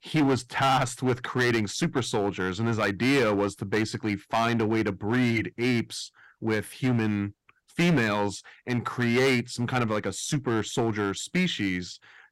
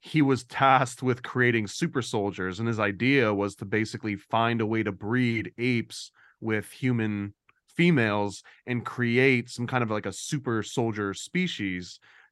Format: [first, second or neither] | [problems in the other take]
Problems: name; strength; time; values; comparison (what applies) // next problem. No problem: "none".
second | distortion; heavy; 8% of the sound clipped